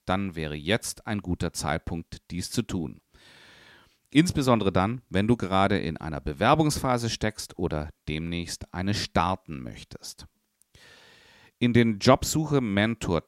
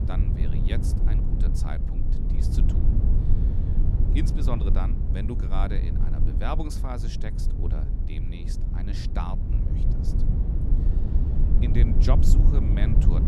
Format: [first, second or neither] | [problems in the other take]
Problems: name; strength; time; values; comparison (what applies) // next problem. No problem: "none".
first | low rumble; loud; throughout; 2 dB below the speech